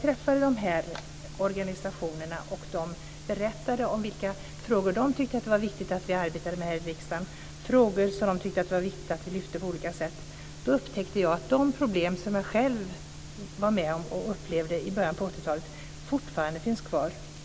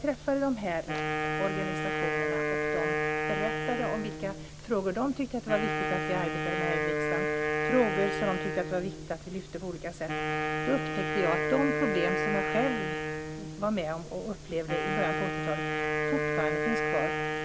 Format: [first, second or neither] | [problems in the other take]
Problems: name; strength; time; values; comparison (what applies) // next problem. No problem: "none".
first | background sound (Wind instrument, woodwind instrument); 1 dB above the speech